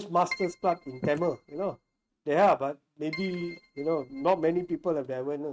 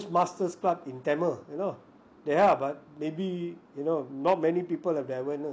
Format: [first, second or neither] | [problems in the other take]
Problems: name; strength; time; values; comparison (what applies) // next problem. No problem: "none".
second | noise reduction (neural mask model RNNoise)